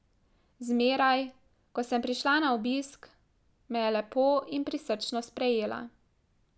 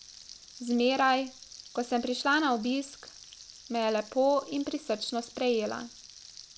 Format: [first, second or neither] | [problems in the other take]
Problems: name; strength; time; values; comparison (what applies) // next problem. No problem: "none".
first | background sound (Frying (food)); 19 dB below the speech